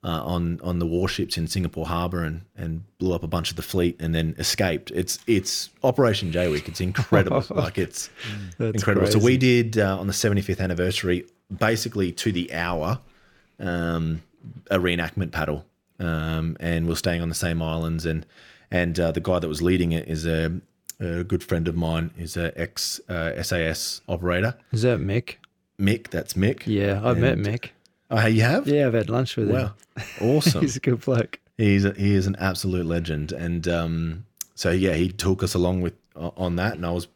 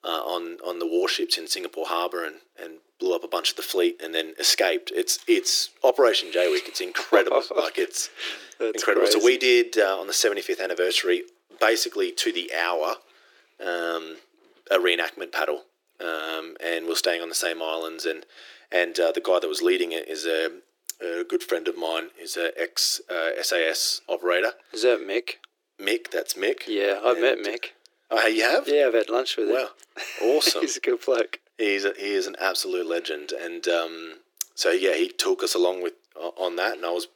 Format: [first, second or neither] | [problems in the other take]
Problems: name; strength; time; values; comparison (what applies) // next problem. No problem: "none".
first | thin; very; fading below 350 Hz